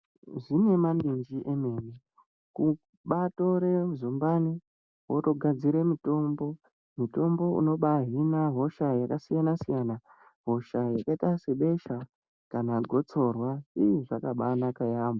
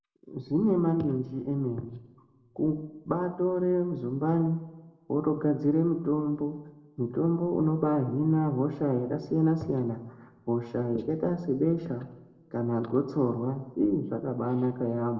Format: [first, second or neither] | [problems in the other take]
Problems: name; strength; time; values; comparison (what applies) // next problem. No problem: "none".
first | room echo; dies away in 0.8 s